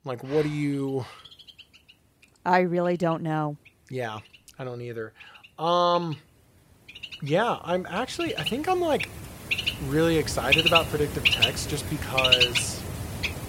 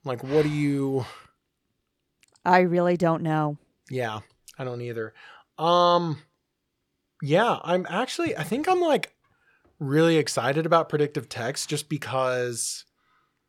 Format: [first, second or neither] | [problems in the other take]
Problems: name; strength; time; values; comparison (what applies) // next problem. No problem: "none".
second | animal sounds; very loud; throughout; 3 dB above the speech